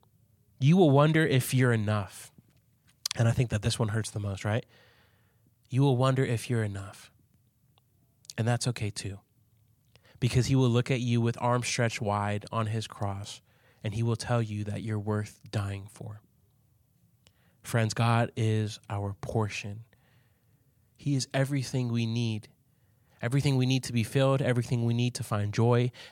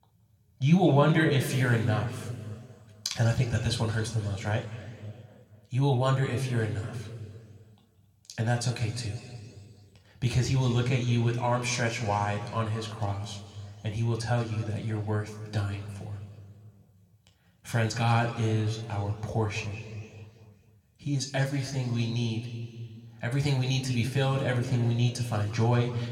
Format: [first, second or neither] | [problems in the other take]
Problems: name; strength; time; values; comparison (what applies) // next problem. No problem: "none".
first | room echo; slight; dies away in 2.1 s